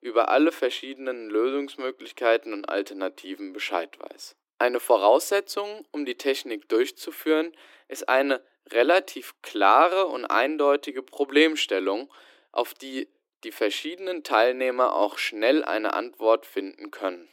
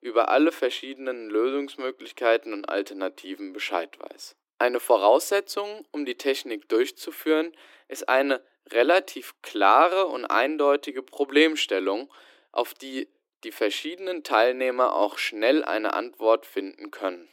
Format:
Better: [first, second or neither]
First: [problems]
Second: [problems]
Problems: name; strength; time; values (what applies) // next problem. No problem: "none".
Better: neither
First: thin; somewhat; fading below 300 Hz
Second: thin; somewhat; fading below 300 Hz